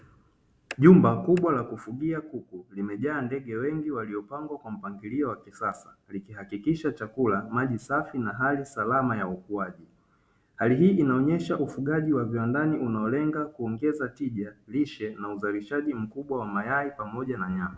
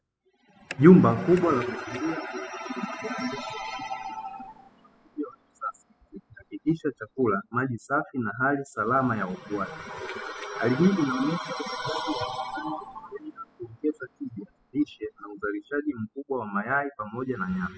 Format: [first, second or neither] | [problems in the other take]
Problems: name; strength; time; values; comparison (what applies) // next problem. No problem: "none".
first | noise reduction (classical method spectral subtraction)